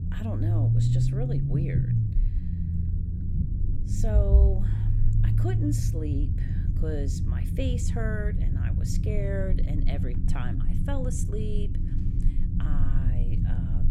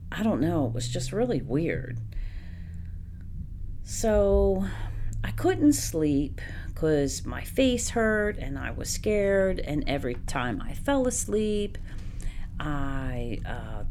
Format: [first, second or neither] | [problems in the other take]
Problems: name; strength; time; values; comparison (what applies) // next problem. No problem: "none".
second | low rumble; loud; throughout; 2 dB below the speech; faint in the second